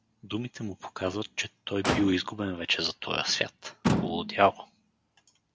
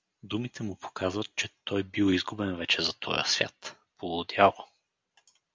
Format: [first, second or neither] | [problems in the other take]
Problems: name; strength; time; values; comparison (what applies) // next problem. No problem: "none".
second | background sound (Motor vehicle (road)); 5 dB below the speech